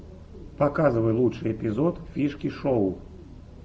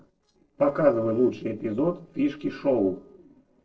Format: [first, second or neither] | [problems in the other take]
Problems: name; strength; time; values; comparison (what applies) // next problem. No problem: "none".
first | noise reduction (neural separator model SepFormer DNS4)